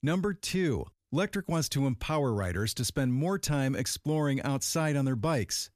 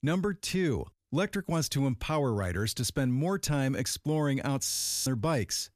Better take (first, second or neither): first